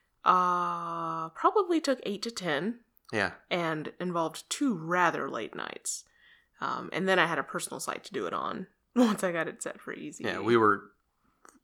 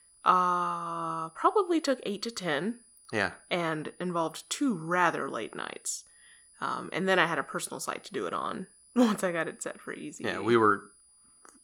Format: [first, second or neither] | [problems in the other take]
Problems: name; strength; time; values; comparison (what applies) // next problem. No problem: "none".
first | high-pitched whine; faint; throughout; 10 kHz, 25 dB below the speech